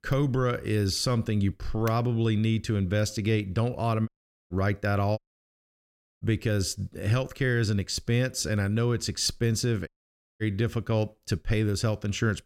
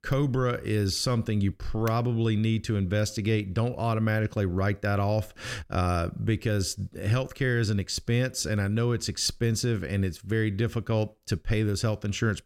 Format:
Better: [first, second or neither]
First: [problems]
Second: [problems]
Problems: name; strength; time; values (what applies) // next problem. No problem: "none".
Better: second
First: audio cutting out; at 4 s, at 5 s for 1 s and at 10 s for 0.5 s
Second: none